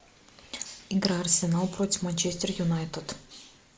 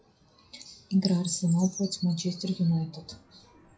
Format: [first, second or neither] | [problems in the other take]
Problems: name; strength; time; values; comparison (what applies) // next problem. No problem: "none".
first | noise reduction (classical method WPE with log-MMSE)